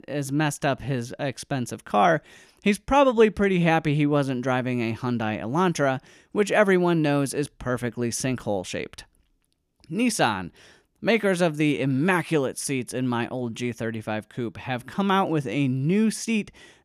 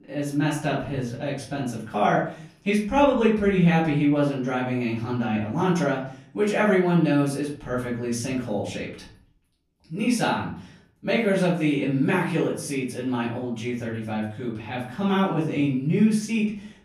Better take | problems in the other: first | off-mic speech; far // room echo; noticeable; dies away in 0.5 s

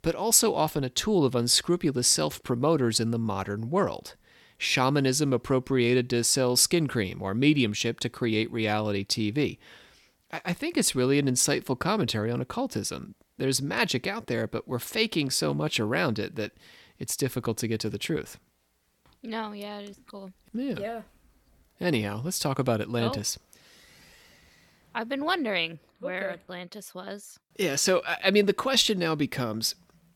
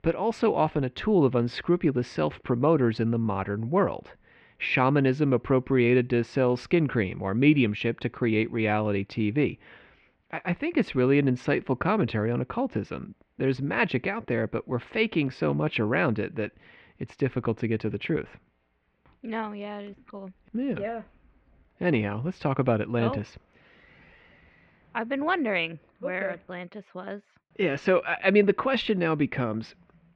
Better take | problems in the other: first | muffled; very; fading above 2.5 kHz

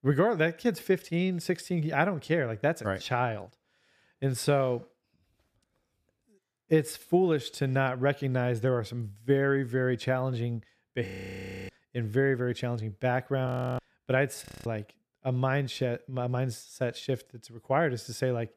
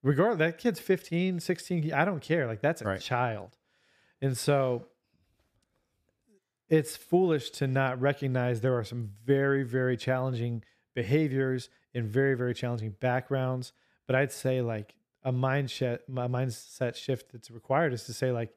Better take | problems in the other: second | audio freezing; at 11 s for 0.5 s, at 13 s and at 14 s

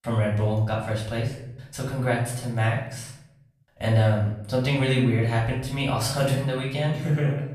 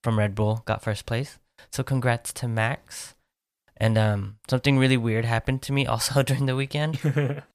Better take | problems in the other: second | off-mic speech; far // room echo; noticeable; dies away in 0.7 s

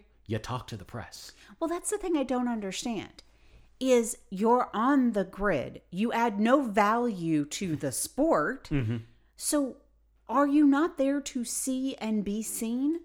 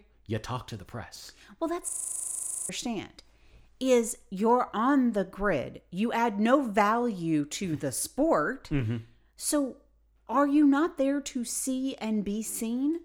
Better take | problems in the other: first | audio freezing; at 2 s for 1 s

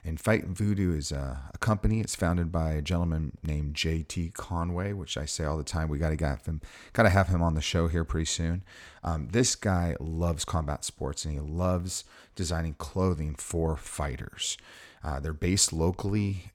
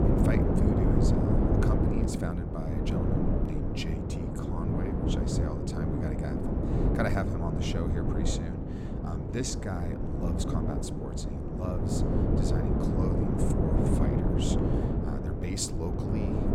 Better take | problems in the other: first | wind noise on the microphone; heavy; 4 dB above the speech

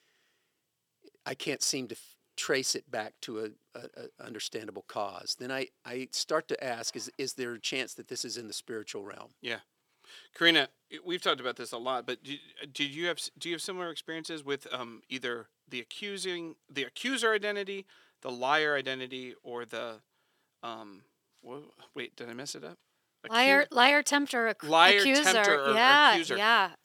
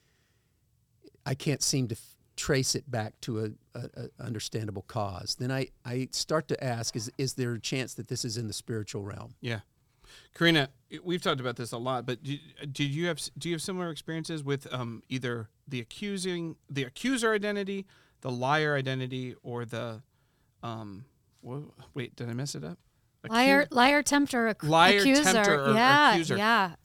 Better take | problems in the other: second | thin; somewhat; fading below 350 Hz

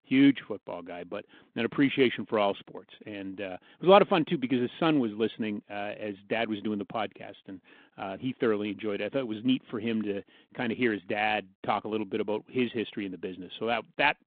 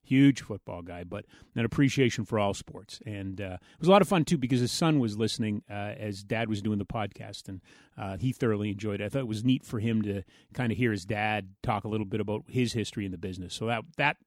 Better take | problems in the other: second | phone-call audio

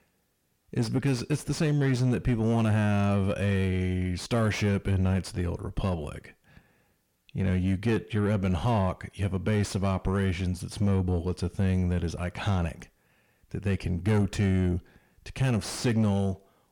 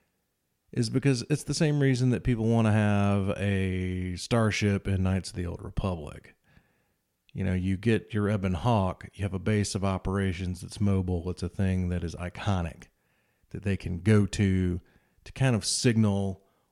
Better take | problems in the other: second | distortion; slight; 10 dB below the speech

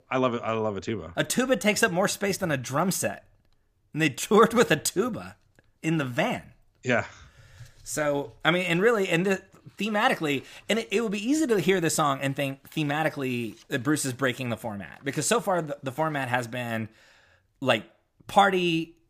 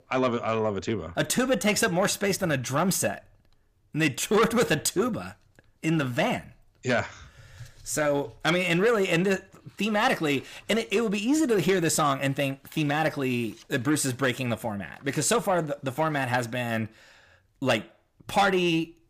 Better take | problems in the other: first | distortion; slight; 10 dB below the speech

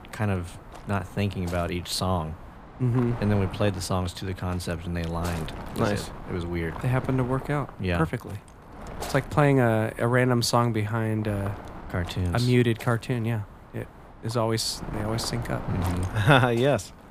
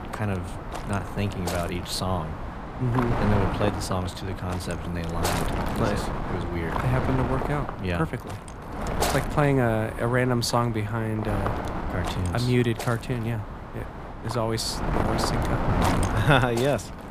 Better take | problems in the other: first | wind noise on the microphone; heavy; 3 dB below the speech; occasional gusts in the first

